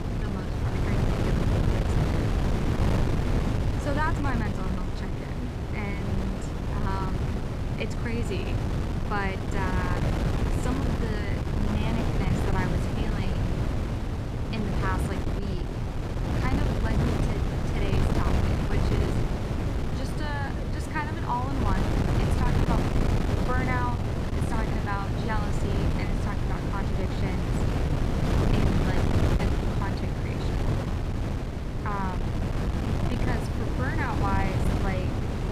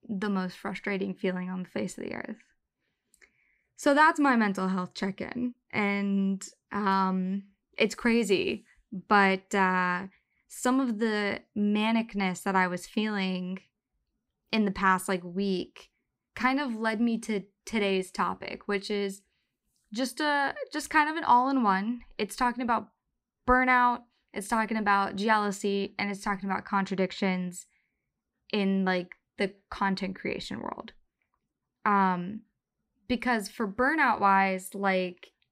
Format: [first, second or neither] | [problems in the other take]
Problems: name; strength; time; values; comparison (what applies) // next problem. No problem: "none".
second | wind noise on the microphone; heavy; 1 dB above the speech